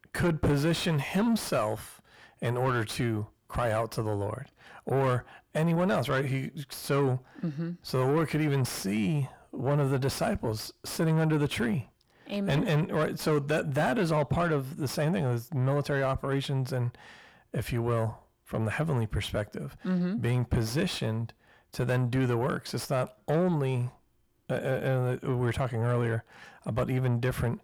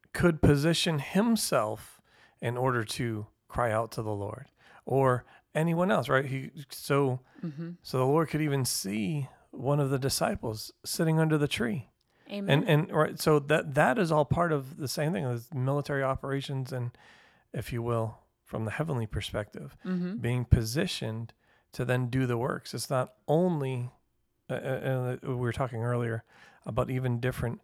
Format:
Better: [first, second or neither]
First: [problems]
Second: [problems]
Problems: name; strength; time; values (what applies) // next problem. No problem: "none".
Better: second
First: distortion; heavy; 8 dB below the speech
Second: none